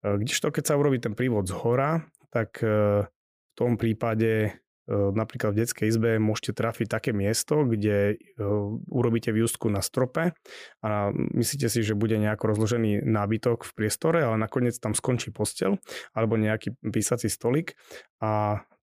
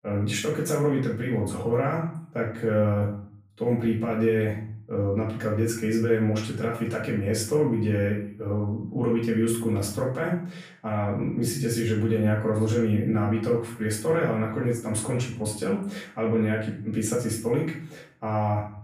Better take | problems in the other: first | off-mic speech; far // room echo; noticeable; dies away in 0.5 s

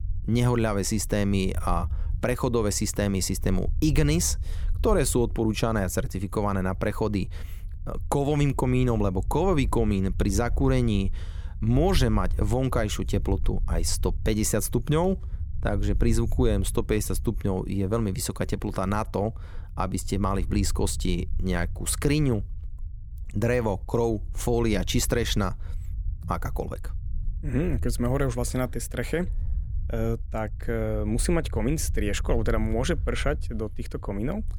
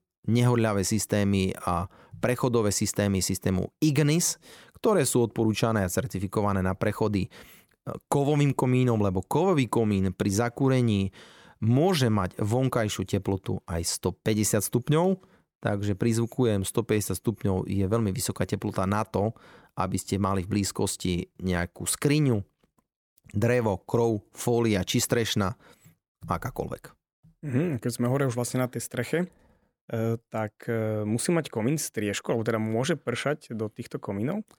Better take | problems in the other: second | low rumble; faint; throughout; 25 dB below the speech

